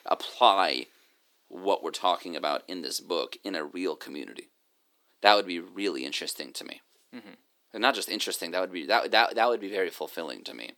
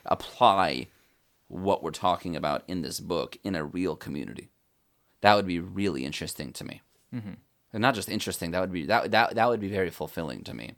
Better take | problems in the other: second | thin; very slightly; fading below 300 Hz

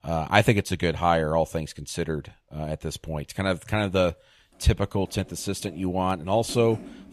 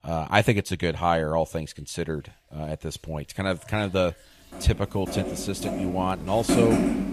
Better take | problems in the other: first | household noises; loud; throughout; 2 dB below the speech; faint in the first

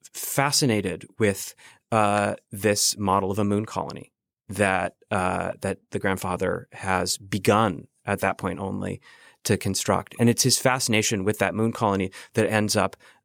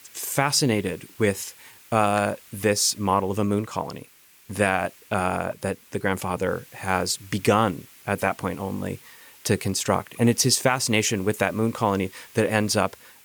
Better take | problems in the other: first | hiss; faint; throughout; 25 dB below the speech

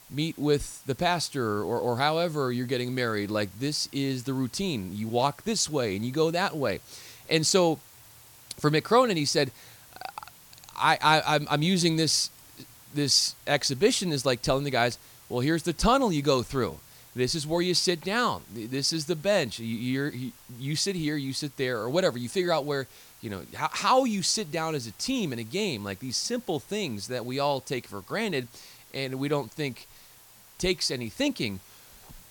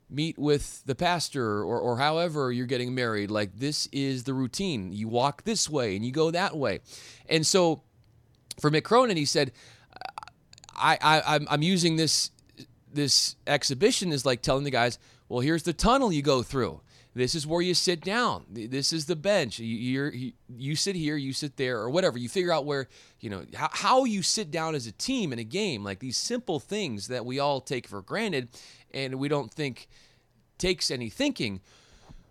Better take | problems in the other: second | hiss; faint; throughout; 25 dB below the speech

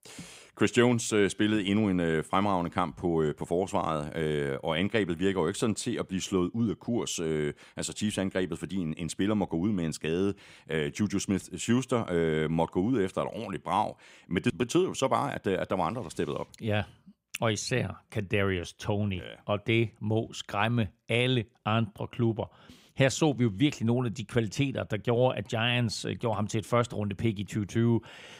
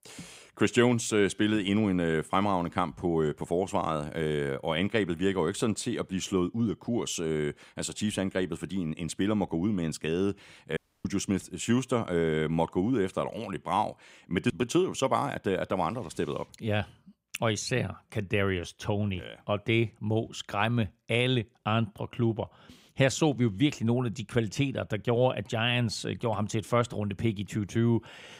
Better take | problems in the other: first | audio cutting out; at 11 s

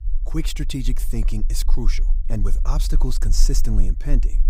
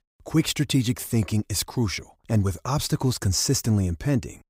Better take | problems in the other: second | low rumble; noticeable; throughout; 20 dB below the speech

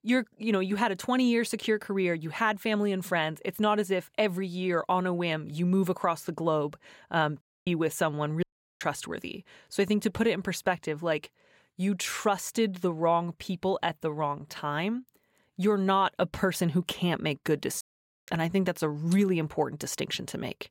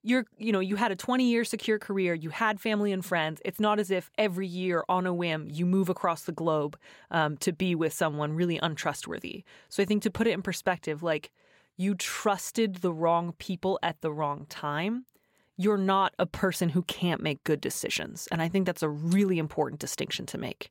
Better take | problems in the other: second | audio cutting out; at 7.5 s, at 8.5 s and at 18 s

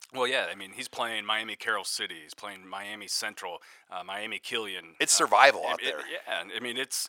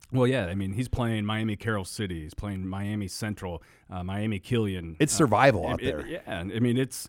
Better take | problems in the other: second | thin; very; fading below 800 Hz

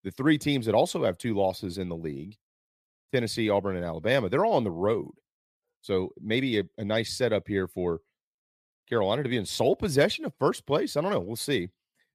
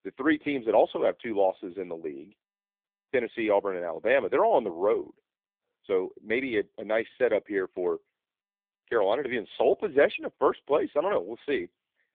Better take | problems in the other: first | phone-call audio; poor line

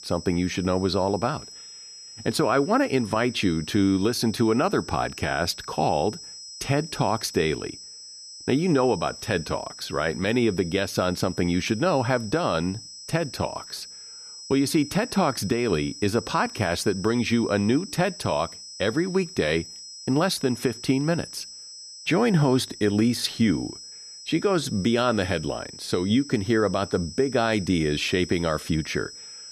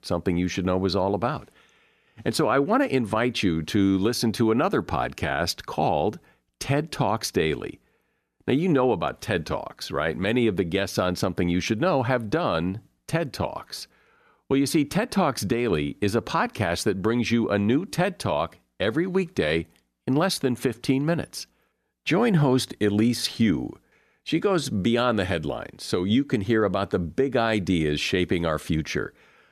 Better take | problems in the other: second | high-pitched whine; noticeable; throughout; 5 kHz, 15 dB below the speech

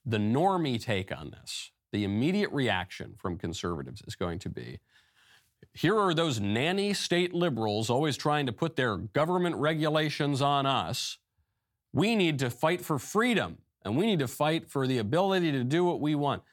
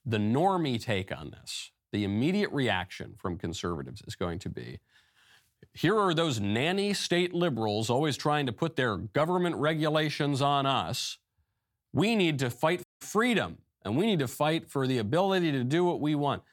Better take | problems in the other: first | audio cutting out; at 13 s

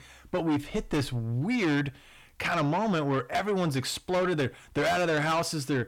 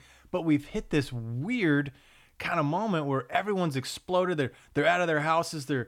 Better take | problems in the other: second | distortion; heavy; 8 dB below the speech

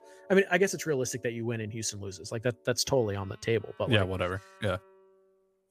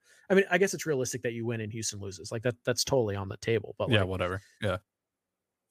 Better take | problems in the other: second | background music; faint; throughout; 25 dB below the speech

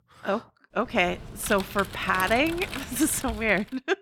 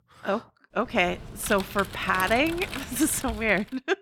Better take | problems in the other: neither | keyboard typing; noticeable; from 1 s on; peak 8 dB below the speech; the same in both

